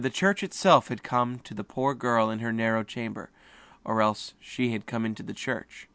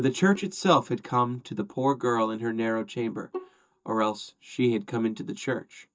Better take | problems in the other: first | noise reduction (neural mask model DeepFilterNet 3)

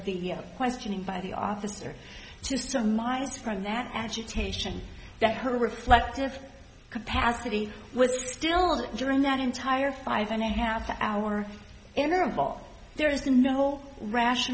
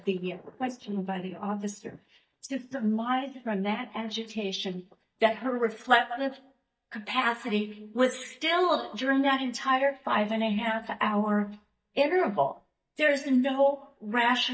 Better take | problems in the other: first | noise reduction (neural mask model DeepFilterNet 3)

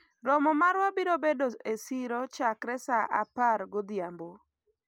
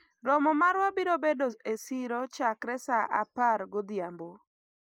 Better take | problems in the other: first | noise reduction (neural mask model Resemble Enhance denoiser)

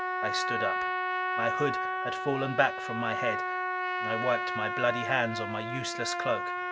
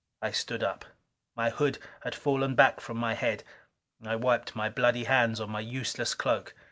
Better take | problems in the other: second | background sound (Trumpet); as loud as the speech

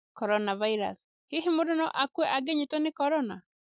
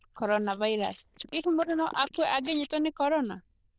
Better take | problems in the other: first | noise reduction (neural diffusion model UNIVERSE++)

